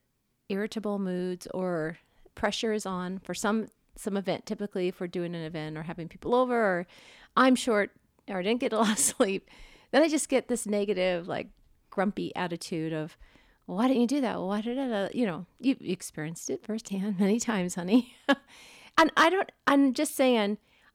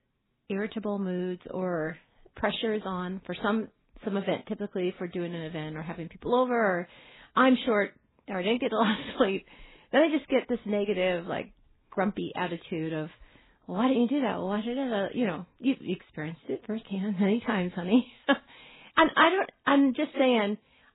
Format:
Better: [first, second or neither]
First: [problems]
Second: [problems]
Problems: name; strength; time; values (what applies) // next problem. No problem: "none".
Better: first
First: none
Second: garbled, watery; badly; nothing above 4 kHz